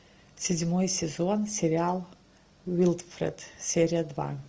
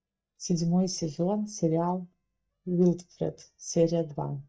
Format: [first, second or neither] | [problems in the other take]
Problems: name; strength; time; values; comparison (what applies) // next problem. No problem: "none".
first | noise reduction (neural mask model DeepFilterNet 3)